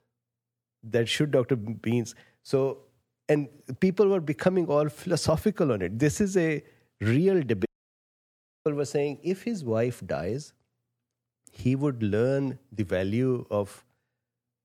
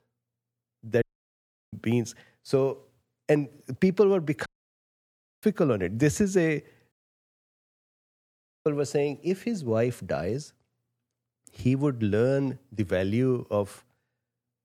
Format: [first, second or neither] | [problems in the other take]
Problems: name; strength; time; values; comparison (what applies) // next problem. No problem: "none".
first | audio cutting out; at 1 s for 0.5 s, at 4.5 s for 1 s and at 7 s for 1 s